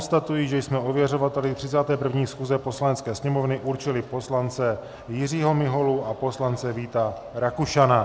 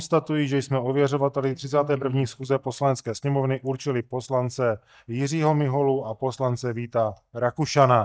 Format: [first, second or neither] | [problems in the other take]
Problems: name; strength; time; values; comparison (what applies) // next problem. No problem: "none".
first | noise reduction (neural mask model DeepFilterNet 3)